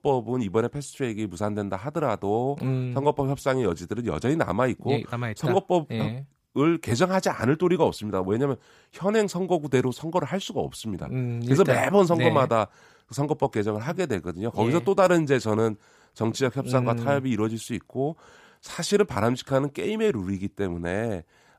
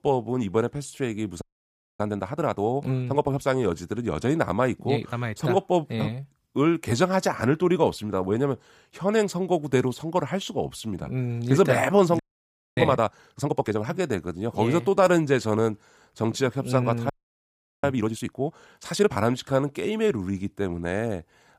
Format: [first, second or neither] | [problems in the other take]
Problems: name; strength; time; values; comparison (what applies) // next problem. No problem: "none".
first | audio freezing; at 1.5 s for 0.5 s, at 12 s for 0.5 s and at 17 s for 0.5 s